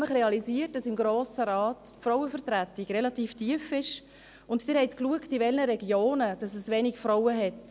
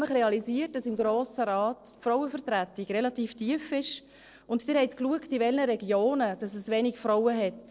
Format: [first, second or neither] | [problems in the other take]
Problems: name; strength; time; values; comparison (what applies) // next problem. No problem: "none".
first | noise reduction (neural separator model SepFormer DNS4)